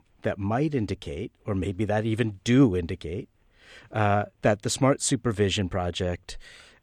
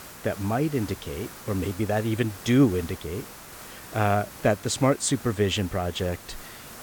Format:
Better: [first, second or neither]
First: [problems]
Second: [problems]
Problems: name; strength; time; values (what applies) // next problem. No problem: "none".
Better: first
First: none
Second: hiss; noticeable; throughout; 15 dB below the speech